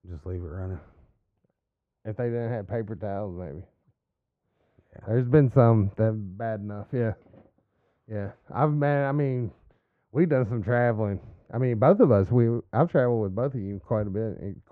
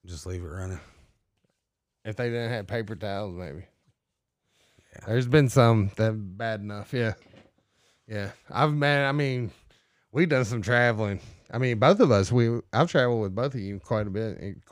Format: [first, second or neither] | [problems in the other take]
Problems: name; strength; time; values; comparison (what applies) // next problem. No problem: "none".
second | muffled; very; fading above 2.5 kHz